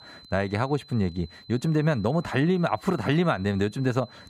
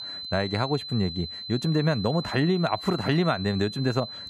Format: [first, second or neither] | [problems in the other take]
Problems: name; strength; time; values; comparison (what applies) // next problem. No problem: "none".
first | high-pitched whine; loud; throughout; 4 kHz, 9 dB below the speech; faint in the first